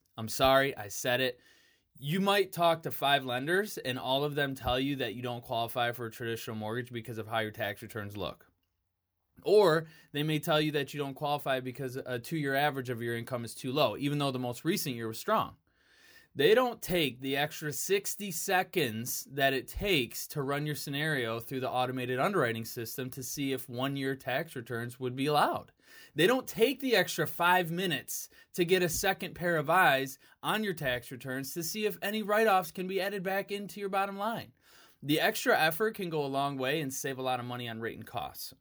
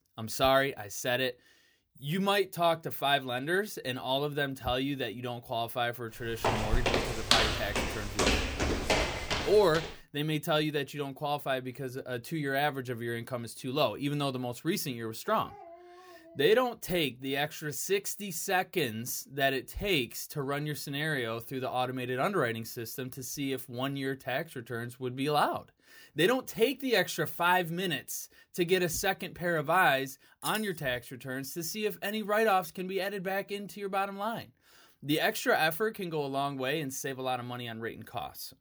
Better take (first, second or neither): first